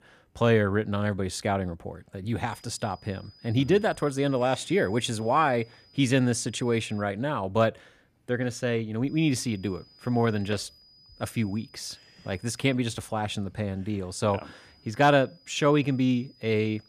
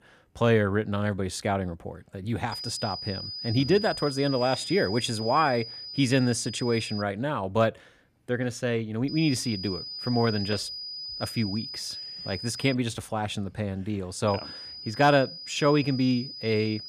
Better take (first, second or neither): first